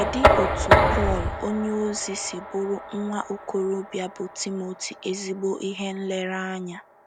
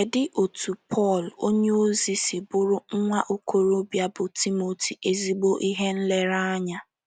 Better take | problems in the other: second | background sound (Knock); 3 dB above the speech

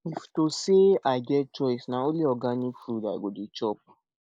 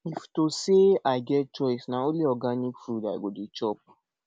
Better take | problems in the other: second | noise reduction (neural mask model Resemble Enhance denoiser)

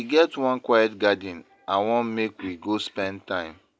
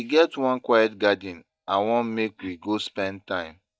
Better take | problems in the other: first | noise reduction (neural mask model DeepFilterNet 3)

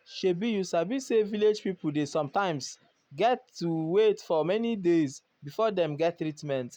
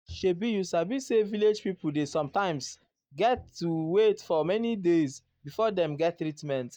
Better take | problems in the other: first | noise reduction (neural mask model DeepFilterNet 3)

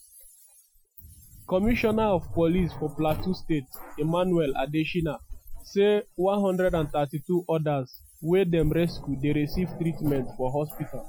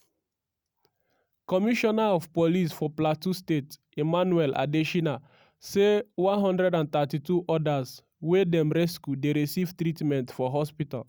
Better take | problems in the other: second | noise reduction (classical method Wiener filter)

